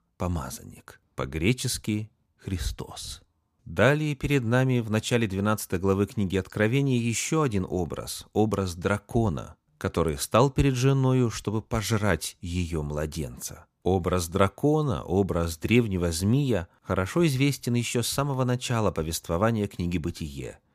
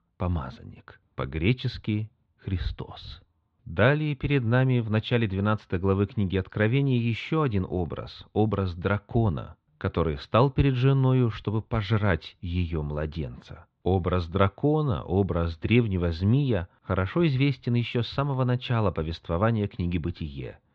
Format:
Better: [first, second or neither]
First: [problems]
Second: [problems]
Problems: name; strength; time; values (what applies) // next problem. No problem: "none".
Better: first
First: none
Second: muffled; slightly; fading above 3.5 kHz